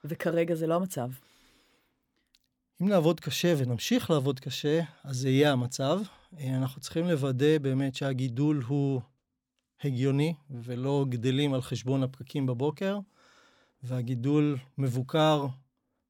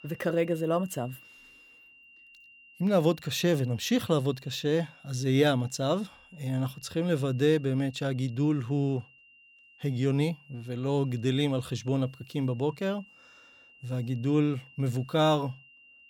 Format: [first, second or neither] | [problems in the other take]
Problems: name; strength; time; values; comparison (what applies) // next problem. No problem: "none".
first | high-pitched whine; faint; throughout; 3 kHz, 25 dB below the speech